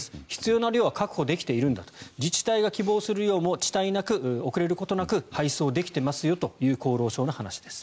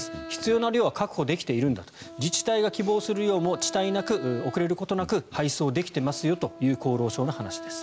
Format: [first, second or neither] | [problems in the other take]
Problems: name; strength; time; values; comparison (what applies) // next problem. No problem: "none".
first | background sound (Wind instrument, woodwind instrument); 15 dB below the speech